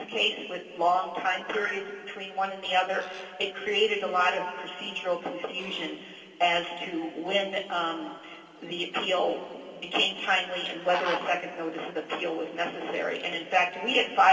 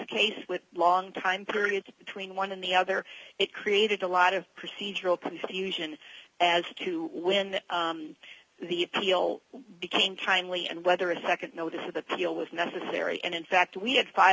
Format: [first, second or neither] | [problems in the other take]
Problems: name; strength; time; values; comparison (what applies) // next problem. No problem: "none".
second | background sound (Fowl); 19 dB below the speech // room echo; dies away in 2.7 s